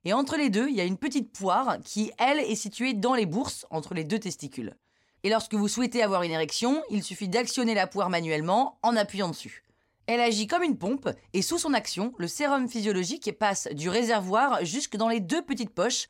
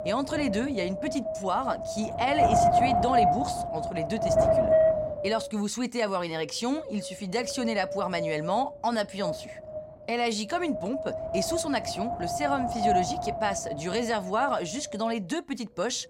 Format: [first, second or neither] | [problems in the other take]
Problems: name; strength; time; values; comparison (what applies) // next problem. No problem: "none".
first | wind noise on the microphone; heavy; 3 dB above the speech